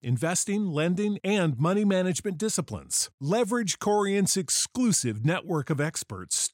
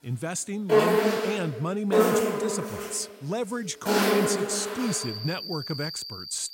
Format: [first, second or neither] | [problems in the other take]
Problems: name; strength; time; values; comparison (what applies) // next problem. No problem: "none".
first | animal sounds; very loud; throughout; 4 dB above the speech